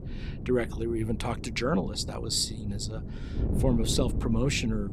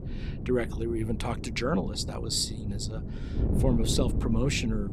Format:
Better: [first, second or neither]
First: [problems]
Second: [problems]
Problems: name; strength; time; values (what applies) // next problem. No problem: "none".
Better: first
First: wind noise on the microphone; occasional gusts; 10 dB below the speech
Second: wind noise on the microphone; heavy; 10 dB below the speech